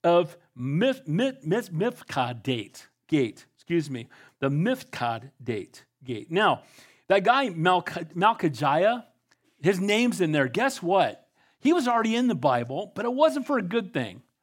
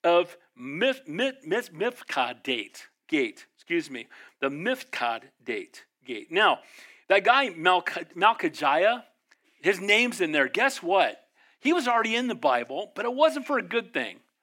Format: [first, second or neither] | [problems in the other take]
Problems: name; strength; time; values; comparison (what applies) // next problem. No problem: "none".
first | thin; very slightly; fading below 300 Hz